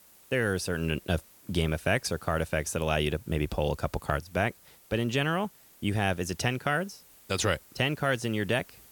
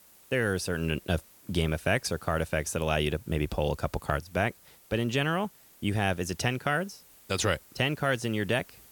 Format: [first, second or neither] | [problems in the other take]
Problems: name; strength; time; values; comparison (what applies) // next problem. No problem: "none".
neither | hiss; faint; throughout; 25 dB below the speech; the same in both